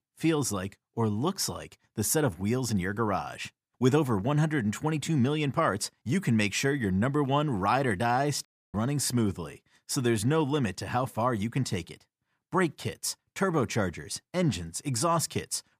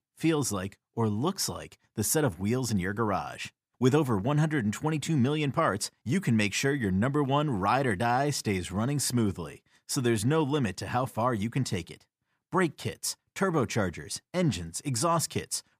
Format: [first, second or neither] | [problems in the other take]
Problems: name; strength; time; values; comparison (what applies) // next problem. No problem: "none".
second | audio cutting out; at 8.5 s